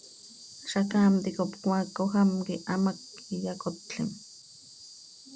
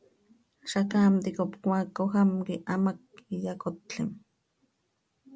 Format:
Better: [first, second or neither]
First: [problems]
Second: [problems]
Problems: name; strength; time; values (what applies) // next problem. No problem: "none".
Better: second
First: background sound (Insect); 19 dB below the speech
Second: none